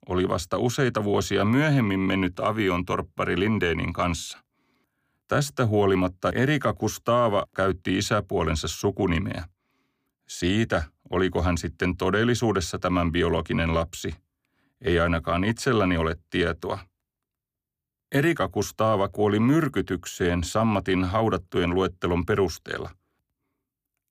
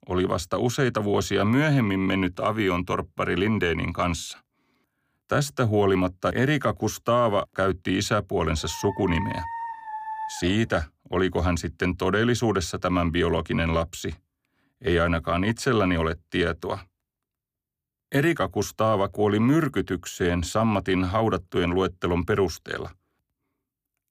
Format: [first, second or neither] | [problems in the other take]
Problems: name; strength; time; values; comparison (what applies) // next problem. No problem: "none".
first | dog barking; noticeable; from 8.5 to 11 s; peak 8 dB below the speech